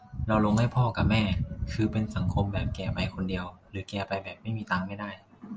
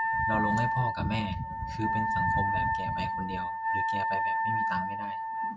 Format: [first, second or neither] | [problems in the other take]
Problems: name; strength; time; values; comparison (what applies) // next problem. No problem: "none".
first | background sound (Wind instrument, woodwind instrument); 5 dB above the speech